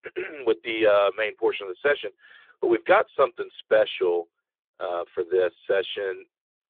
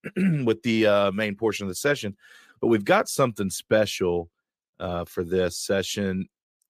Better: second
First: phone-call audio; nothing above 3.5 kHz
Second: none

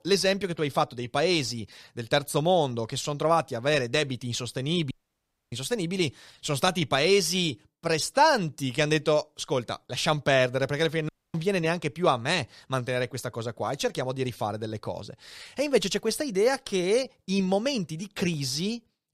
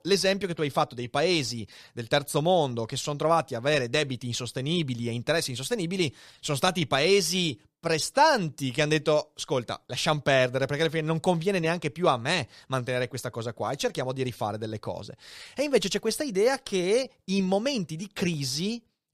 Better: second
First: audio cutting out; at 5 s for 0.5 s and at 11 s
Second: none

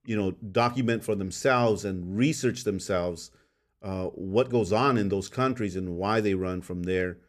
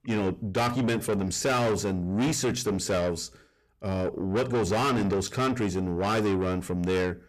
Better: first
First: none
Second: distortion; heavy; 6 dB below the speech

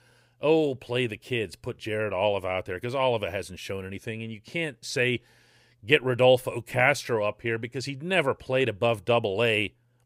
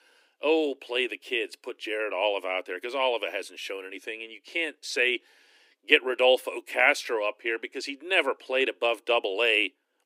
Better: first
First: none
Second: thin; somewhat; fading below 300 Hz

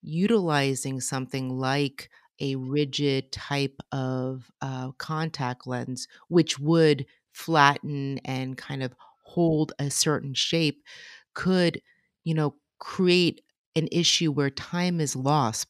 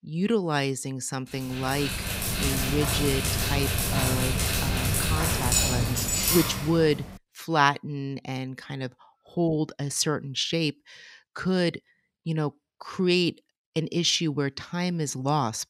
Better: first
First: none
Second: dog barking; loud; from 1.5 to 7 s; peak 6 dB above the speech

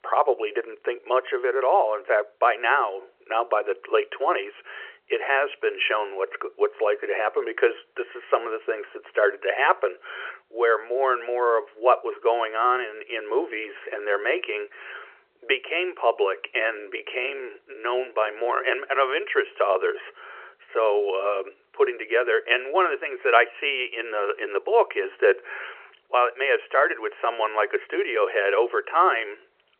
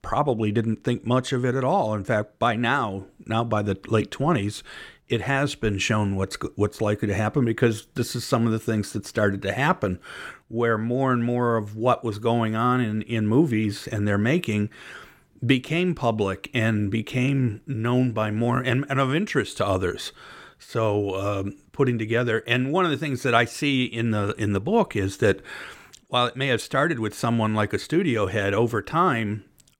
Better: second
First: phone-call audio; nothing above 3 kHz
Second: none

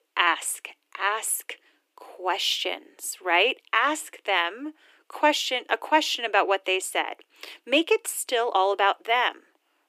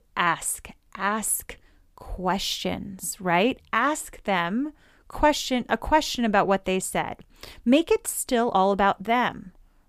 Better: second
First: thin; very; fading below 300 Hz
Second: none

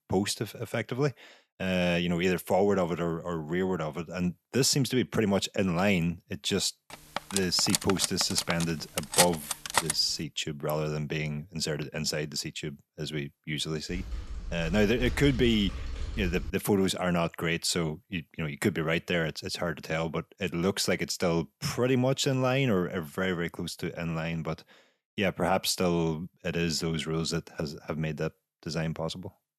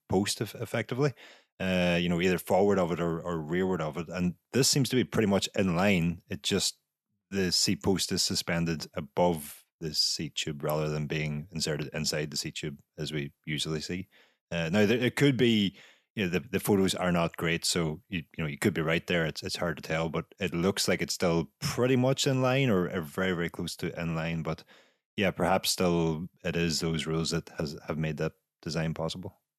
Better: second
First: clattering dishes; loud; from 7 to 10 s; peak 4 dB above the speech // keyboard typing; noticeable; from 14 to 17 s; peak 8 dB below the speech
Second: none

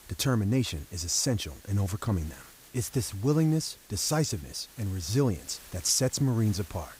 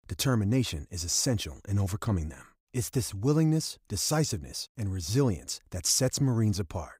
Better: second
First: hiss; faint; throughout; 20 dB below the speech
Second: none

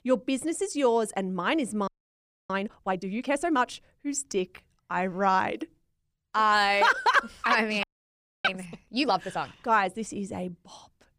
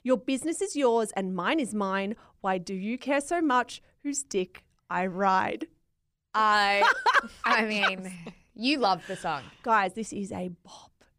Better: second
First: audio freezing; at 2 s for 0.5 s and at 8 s for 0.5 s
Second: none

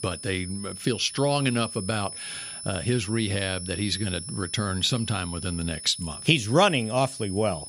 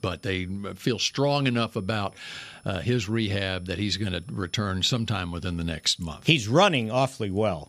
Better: second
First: high-pitched whine; loud; throughout; 10 kHz, 10 dB below the speech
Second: high-pitched whine; faint; throughout; 10 kHz, 35 dB below the speech

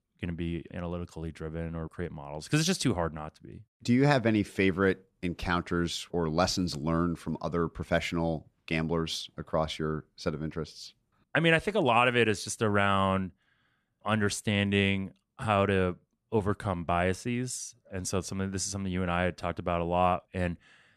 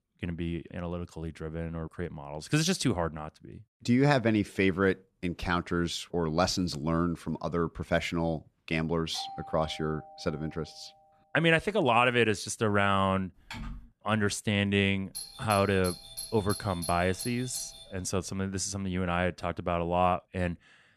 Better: first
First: none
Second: doorbell; faint; from 9 to 11 s; peak 10 dB below the speech // keyboard typing; faint; at 13 s; peak 10 dB below the speech // doorbell; noticeable; from 15 to 18 s; peak 8 dB below the speech

